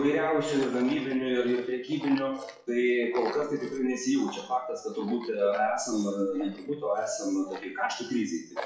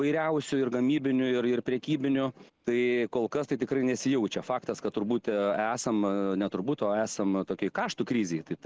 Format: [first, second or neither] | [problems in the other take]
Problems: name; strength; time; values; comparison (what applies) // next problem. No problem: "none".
second | noise reduction (classical method WPE with log-MMSE)